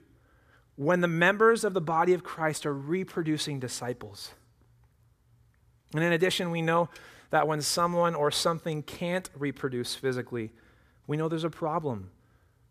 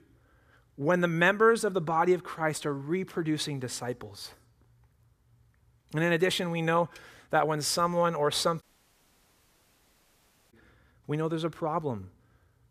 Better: first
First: none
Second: audio cutting out; at 8.5 s for 2 s

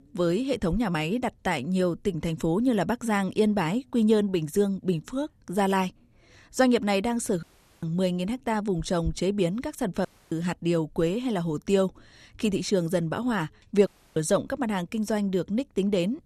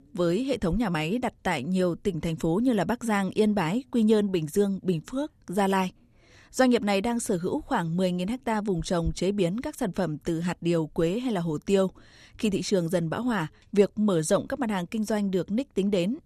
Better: second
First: audio cutting out; at 7.5 s, at 10 s and at 14 s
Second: none

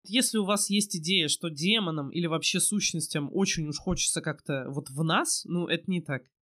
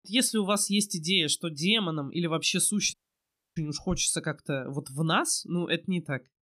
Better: first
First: none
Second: audio cutting out; at 3 s for 0.5 s

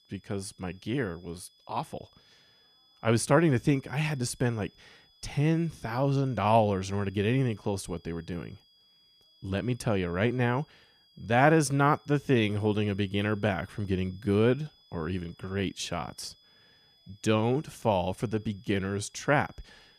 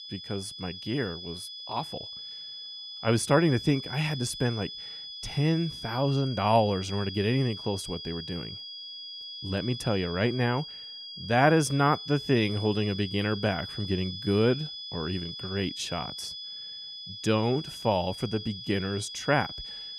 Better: first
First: high-pitched whine; faint; throughout; 3.5 kHz, 30 dB below the speech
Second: high-pitched whine; loud; throughout; 3.5 kHz, 9 dB below the speech

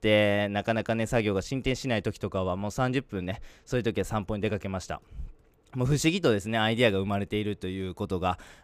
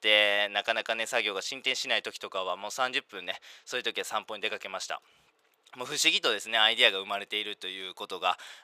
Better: first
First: none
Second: thin; very; fading below 800 Hz

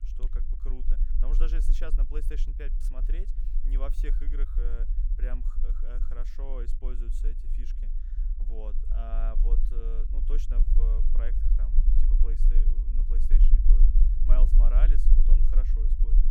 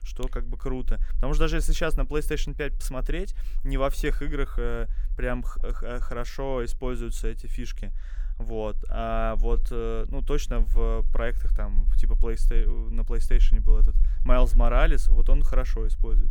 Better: second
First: low rumble; loud; throughout; 6 dB below the speech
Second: low rumble; faint; throughout; 25 dB below the speech

